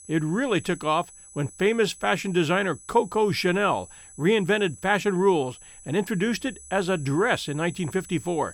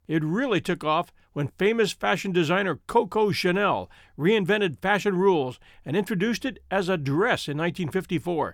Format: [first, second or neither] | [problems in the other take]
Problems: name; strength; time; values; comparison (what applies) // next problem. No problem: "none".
second | high-pitched whine; noticeable; throughout; 8 kHz, 20 dB below the speech